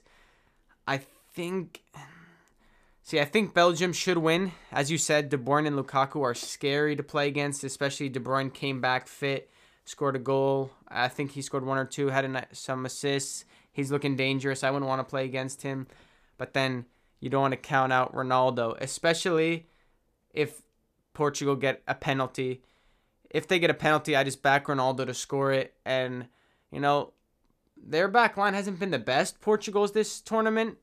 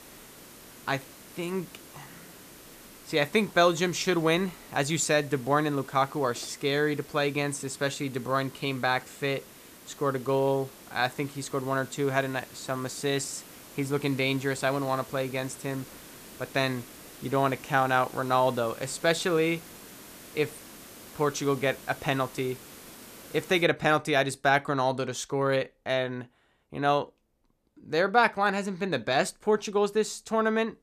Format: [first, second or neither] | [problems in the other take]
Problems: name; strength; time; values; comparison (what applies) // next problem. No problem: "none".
first | hiss; noticeable; until 24 s; 20 dB below the speech